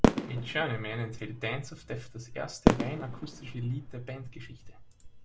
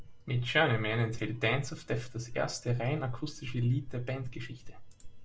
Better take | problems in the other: second | background sound (Fireworks); 4 dB above the speech

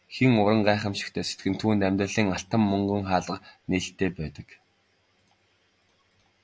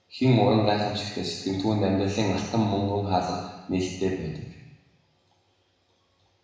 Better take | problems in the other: first | room echo; dies away in 1 s

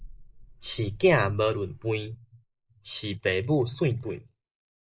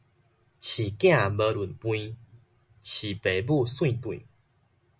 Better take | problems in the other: second | noise reduction (neural mask model Resemble Enhance denoiser)

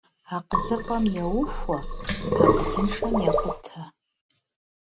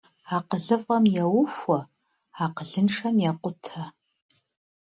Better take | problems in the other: second | background sound (Sink (filling or washing)); 5 dB above the speech

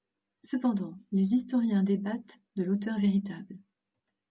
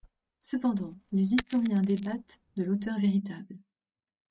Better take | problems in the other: first | noise reduction (neural mask model RNNoise)

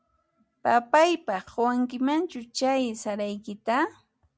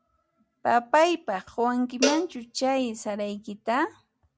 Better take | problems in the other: first | background sound (Cowbell); 6 dB below the speech

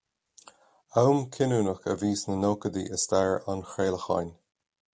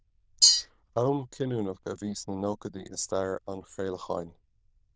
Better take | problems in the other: first | noise reduction (neural diffusion model UNIVERSE++)

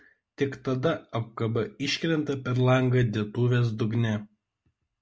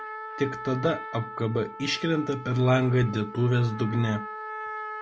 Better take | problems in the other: first | background sound (Trumpet); 11 dB below the speech

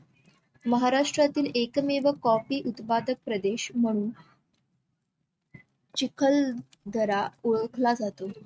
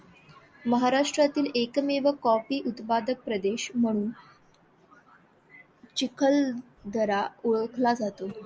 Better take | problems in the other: second | noise reduction (neural mask model RNNoise)

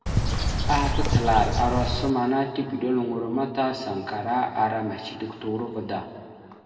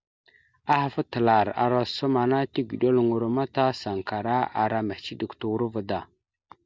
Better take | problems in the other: second | background sound (Bird); 3 dB above the speech // room echo; dies away in 2 s

